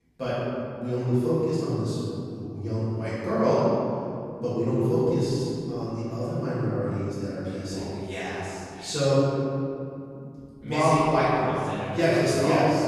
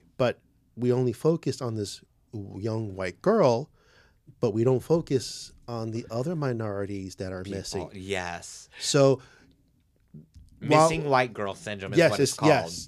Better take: second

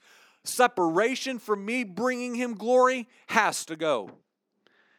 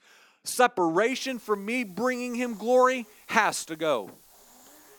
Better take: first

